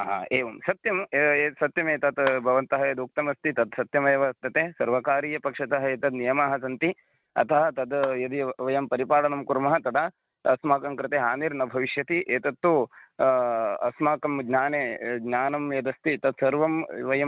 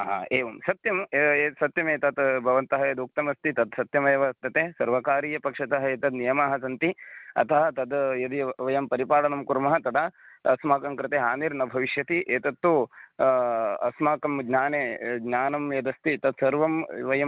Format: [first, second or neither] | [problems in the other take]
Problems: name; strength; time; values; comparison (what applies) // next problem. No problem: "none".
second | noise reduction (neural mask model RNNoise)